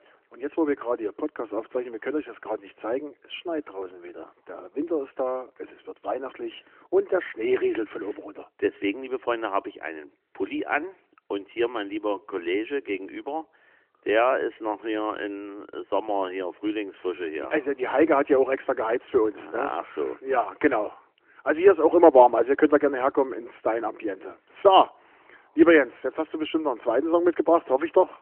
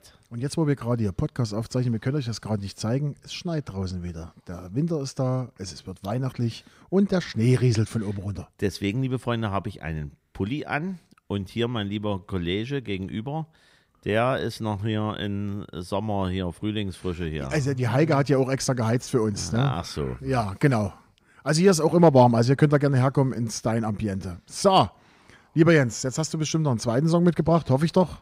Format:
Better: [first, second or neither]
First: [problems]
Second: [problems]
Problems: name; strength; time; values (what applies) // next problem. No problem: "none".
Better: second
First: phone-call audio; nothing above 3 kHz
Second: none